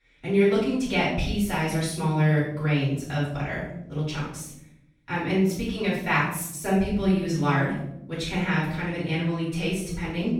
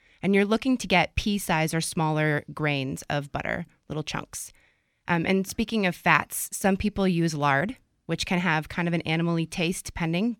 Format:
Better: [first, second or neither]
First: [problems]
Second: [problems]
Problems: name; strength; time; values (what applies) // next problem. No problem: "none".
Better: second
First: off-mic speech; far // room echo; noticeable; dies away in 0.8 s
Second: none